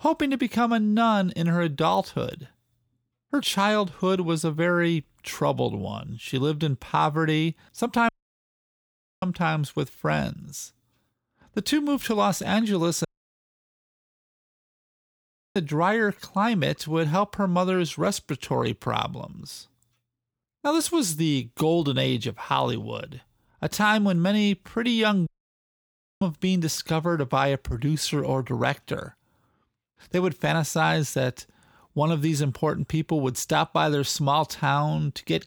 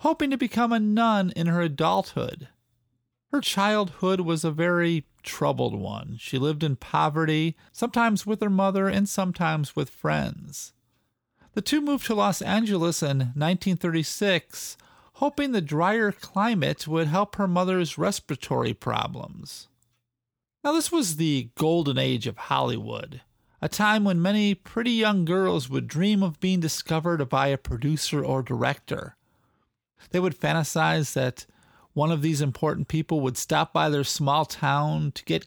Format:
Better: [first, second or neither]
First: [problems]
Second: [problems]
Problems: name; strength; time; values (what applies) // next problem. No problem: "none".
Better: second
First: audio cutting out; at 8 s for 1 s, at 13 s for 2.5 s and at 25 s for 1 s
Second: none